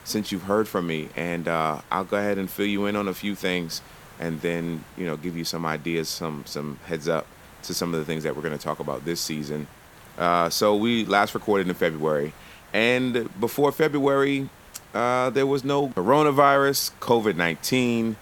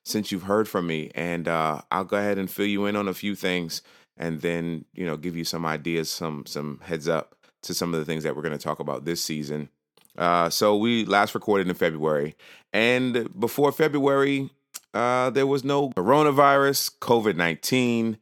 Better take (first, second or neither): second